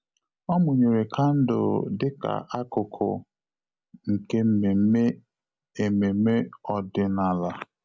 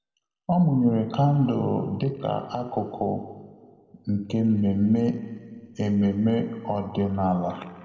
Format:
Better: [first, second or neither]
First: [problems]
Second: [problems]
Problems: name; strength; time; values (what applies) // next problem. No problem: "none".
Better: first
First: none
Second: room echo; dies away in 2 s